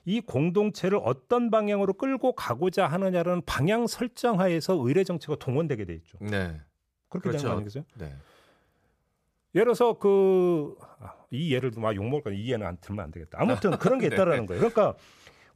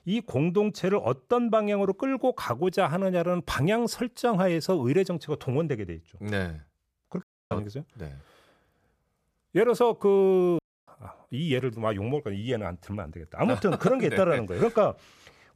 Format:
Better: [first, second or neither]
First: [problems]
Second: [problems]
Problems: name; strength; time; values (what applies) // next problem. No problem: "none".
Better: first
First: none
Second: audio cutting out; at 7 s and at 11 s